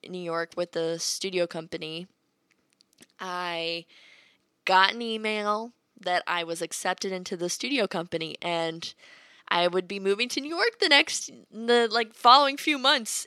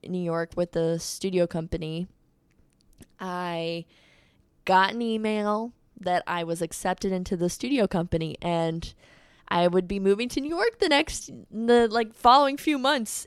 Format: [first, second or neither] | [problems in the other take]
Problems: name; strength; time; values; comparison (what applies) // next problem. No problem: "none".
second | thin; very slightly; fading below 250 Hz